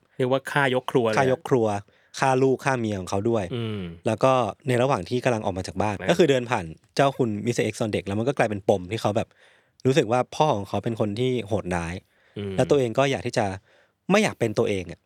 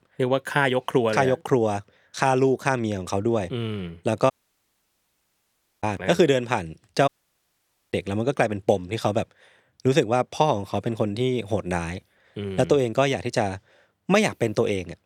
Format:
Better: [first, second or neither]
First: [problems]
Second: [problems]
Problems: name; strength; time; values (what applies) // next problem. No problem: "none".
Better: first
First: none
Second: audio cutting out; at 4.5 s for 1.5 s and at 7 s for 1 s